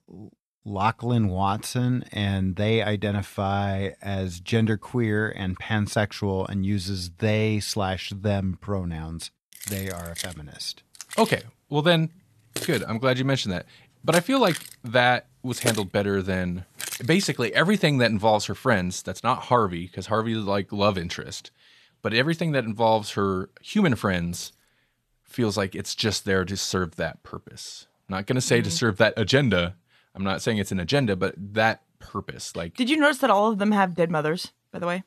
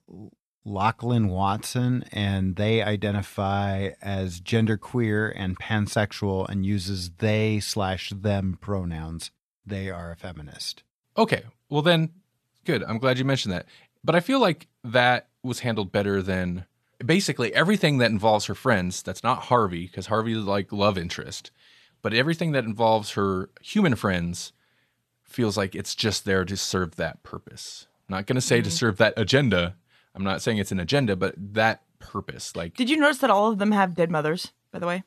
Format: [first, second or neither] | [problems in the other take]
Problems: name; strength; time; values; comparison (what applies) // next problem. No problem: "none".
second | jangling keys; noticeable; from 9.5 to 17 s; peak 3 dB below the speech // jangling keys; faint; at 24 s; peak 20 dB below the speech